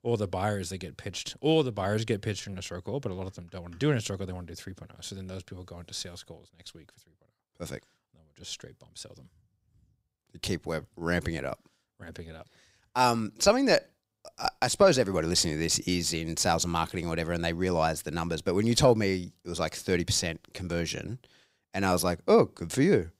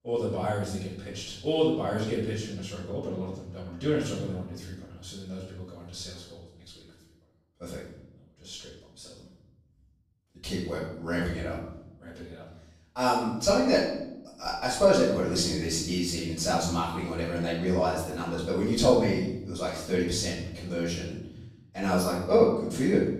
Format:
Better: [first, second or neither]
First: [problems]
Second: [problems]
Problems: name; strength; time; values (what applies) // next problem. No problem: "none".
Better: first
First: none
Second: off-mic speech; far // room echo; noticeable; dies away in 0.8 s